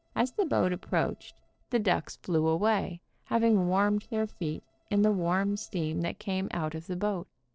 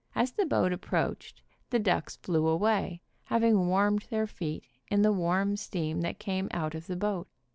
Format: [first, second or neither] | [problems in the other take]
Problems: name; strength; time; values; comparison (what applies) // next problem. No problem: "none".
second | noise reduction (neural separator model SepFormer DNS4)